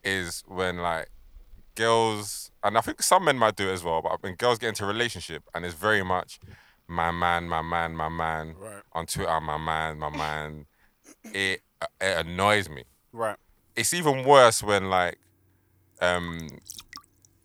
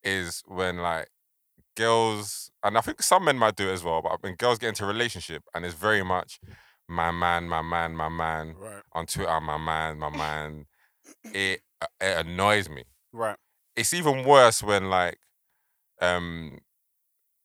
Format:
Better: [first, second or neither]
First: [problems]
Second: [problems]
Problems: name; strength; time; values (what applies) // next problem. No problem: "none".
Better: second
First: rain or running water; faint; throughout; 25 dB below the speech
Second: none